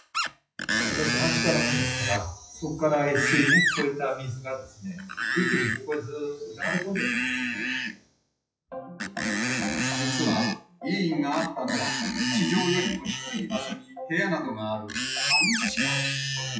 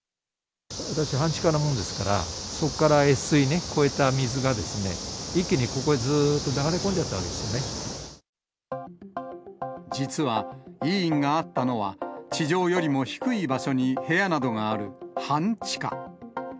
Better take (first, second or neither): second